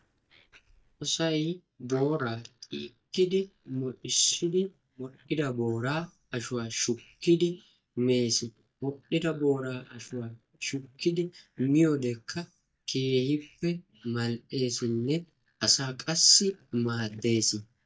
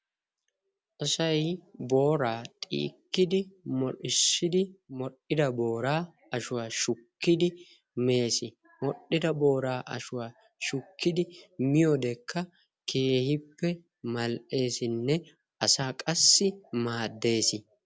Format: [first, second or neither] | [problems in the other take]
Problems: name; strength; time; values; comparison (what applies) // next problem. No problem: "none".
second | noise reduction (neural mask model DeepFilterNet 3)